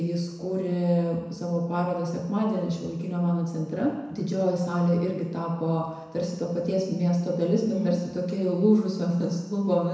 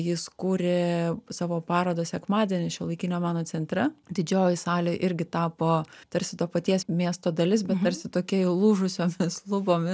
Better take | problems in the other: second | room echo; dies away in 1 s

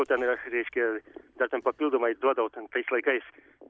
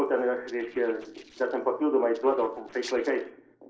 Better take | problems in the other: first | noise reduction (neural separator model SepFormer DNS4)

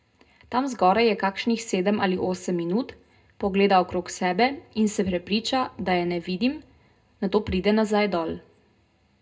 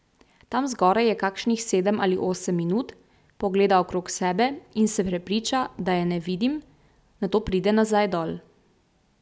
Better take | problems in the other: second | room echo; dies away in 0.2 s

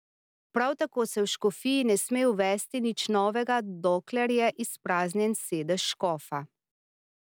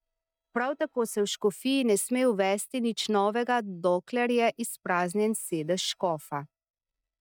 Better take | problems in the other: first | noise reduction (neural mask model DeepFilterNet 3)

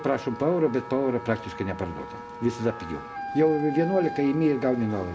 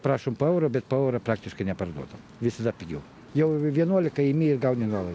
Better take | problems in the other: second | background sound (Wind instrument, woodwind instrument); 12 dB below the speech // room echo; dies away in 0.4 s

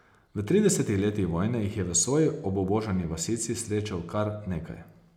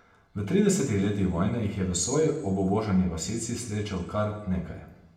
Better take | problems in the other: first | room echo; dies away in 0.6 s

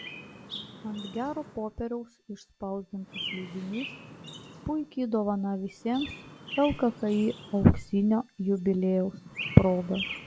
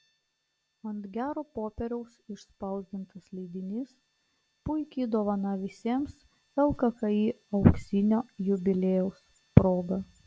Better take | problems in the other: second | background sound (Chirp, tweet); 14 dB below the speech

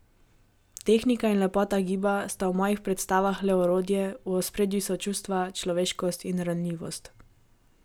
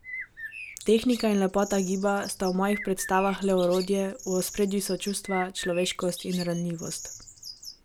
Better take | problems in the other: first | background sound (Bird); 14 dB below the speech

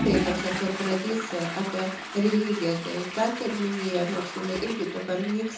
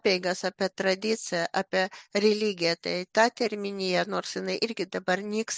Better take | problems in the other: second | background sound (Toilet flush / Water); 6 dB below the speech // room echo; dies away in 0.5 s

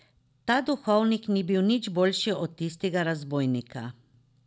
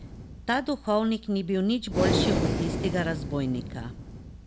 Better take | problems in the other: first | background sound (Breathing); 2 dB below the speech

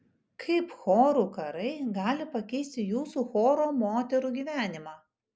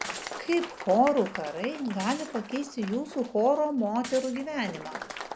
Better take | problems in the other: first | background sound (Shatter / Crushing + Applause); 12 dB below the speech

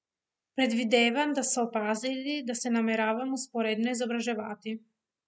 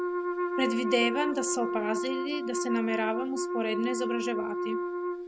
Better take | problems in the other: first | background sound (Wind instrument, woodwind instrument); as loud as the speech

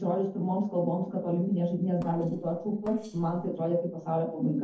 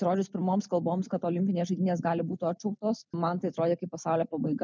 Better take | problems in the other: second | noise reduction (neural separator model SepFormer DNS4)

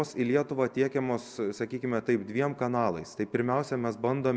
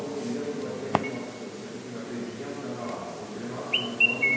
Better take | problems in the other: first | background sound (Chirp, tweet); 3 dB above the speech // room echo; dies away in 1.9 s

